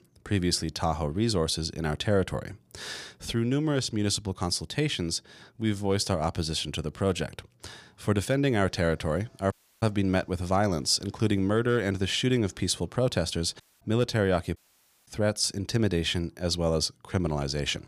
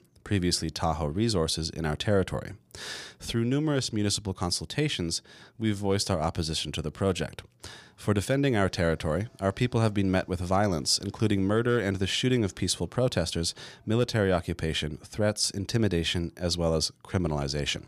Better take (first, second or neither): second